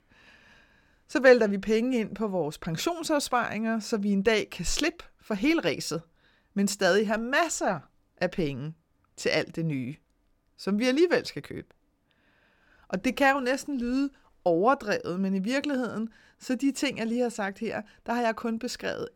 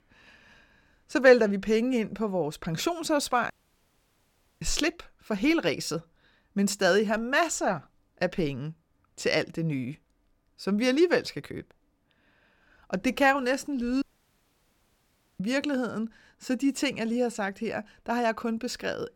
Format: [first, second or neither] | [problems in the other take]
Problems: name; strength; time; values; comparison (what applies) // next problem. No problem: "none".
first | audio cutting out; at 3.5 s for 1 s and at 14 s for 1.5 s